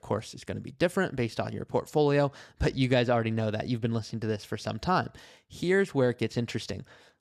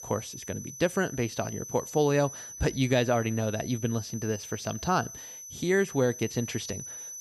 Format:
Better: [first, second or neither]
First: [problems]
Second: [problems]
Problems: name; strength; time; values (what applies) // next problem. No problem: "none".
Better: first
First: none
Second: high-pitched whine; noticeable; throughout; 6 kHz, 10 dB below the speech